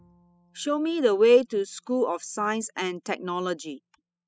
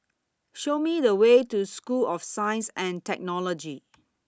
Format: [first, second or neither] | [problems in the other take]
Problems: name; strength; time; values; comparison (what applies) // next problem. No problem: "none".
second | noise reduction (classical method spectral subtraction)